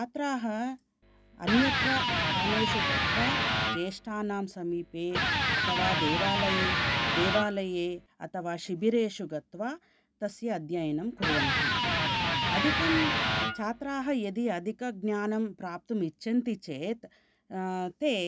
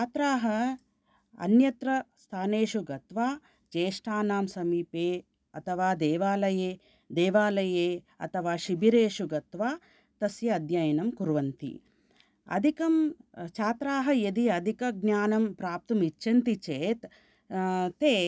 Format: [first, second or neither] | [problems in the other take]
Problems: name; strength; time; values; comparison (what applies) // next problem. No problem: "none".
second | background sound (Electric guitar); 3 dB above the speech